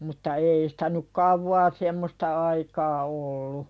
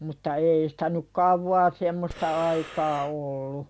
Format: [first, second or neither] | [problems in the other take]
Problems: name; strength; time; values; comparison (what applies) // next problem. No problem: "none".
first | background sound (Breathing); 15 dB below the speech